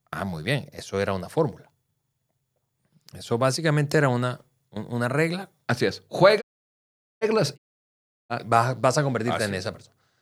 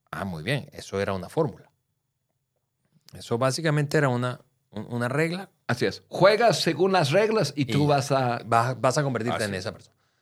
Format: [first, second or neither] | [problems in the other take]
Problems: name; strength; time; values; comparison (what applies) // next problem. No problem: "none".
second | audio cutting out; at 6.5 s for 1 s and at 7.5 s for 0.5 s